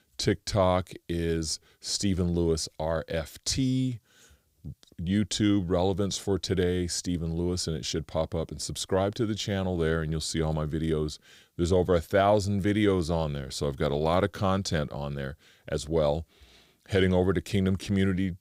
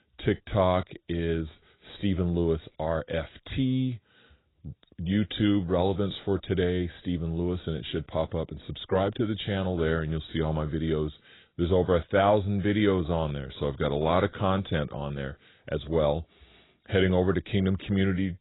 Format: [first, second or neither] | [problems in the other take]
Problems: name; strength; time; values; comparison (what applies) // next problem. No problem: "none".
first | garbled, watery; badly; nothing above 4 kHz